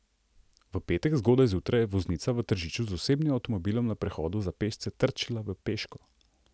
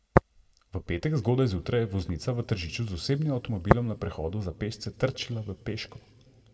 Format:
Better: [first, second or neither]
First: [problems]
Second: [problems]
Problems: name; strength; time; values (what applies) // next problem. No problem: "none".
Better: first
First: none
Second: background sound (Tap); 3 dB below the speech // room echo; dies away in 1.9 s